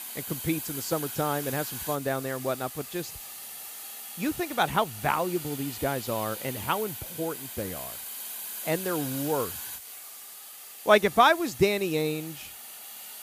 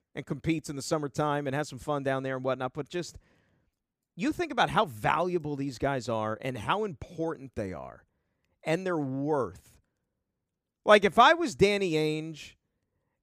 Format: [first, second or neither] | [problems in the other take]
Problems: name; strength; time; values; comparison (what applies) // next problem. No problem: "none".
second | hiss; loud; throughout; 8 dB below the speech